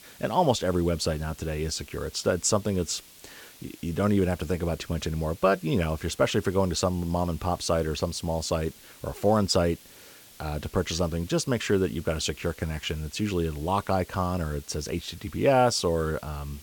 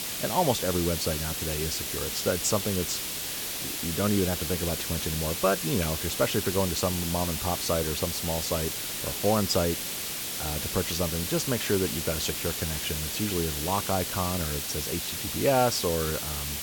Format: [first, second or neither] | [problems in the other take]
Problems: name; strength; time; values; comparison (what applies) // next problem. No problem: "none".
first | hiss; loud; throughout; 1 dB below the speech; faint in the first